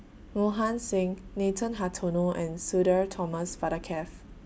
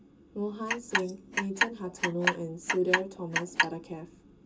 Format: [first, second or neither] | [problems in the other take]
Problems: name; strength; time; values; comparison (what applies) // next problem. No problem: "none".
first | background sound (Clock); 3 dB above the speech // room echo; dies away in 0.2 s